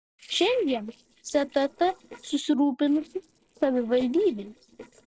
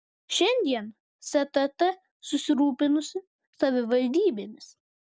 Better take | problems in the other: second | noise reduction (neural separator model SepFormer DNS4)

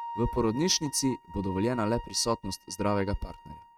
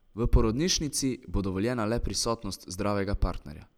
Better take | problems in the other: second | noise reduction (neural mask model RNNoise)

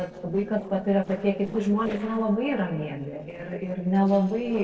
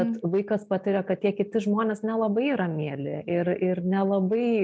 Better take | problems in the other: second | noise reduction (neural separator model SepFormer DNS4)

